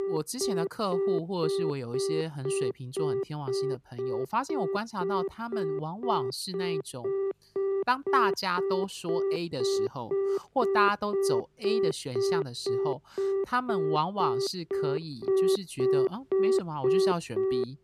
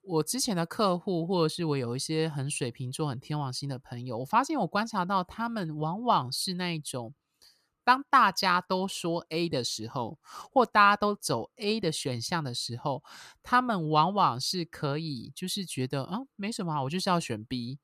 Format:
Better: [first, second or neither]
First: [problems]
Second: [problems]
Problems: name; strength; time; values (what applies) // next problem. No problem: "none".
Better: second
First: alarms or sirens; very loud; throughout; 2 dB above the speech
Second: none